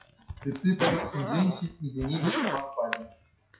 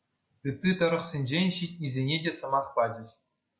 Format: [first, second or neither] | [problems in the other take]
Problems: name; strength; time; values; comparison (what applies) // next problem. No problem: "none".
second | noise reduction (classical method WPE with log-MMSE)